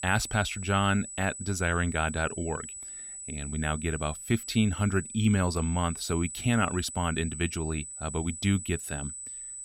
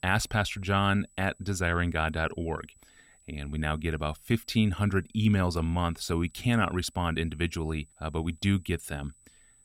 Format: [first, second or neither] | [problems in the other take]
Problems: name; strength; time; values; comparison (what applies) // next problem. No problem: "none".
second | high-pitched whine; loud; throughout; 8 kHz, 9 dB below the speech; faint in the second